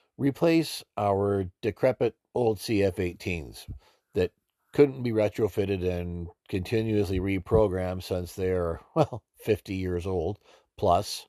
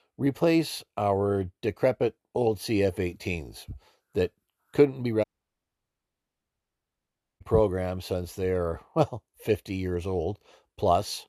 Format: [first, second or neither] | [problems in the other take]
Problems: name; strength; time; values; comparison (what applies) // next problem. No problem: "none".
first | audio cutting out; at 5 s for 2 s